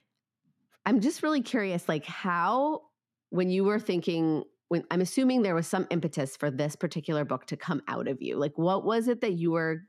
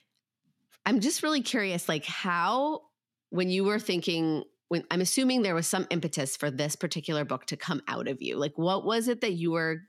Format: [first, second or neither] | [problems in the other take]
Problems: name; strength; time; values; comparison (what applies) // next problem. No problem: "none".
second | muffled; slightly; fading above 2 kHz